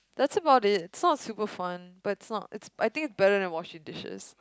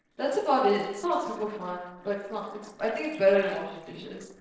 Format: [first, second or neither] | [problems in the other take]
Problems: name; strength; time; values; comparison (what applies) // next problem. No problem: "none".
first | noise reduction (neural separator model SepFormer DNS4)